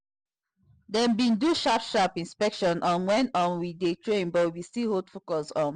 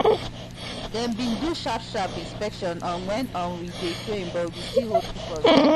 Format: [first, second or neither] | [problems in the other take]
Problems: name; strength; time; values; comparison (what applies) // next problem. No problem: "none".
first | background sound (Dog); 4 dB above the speech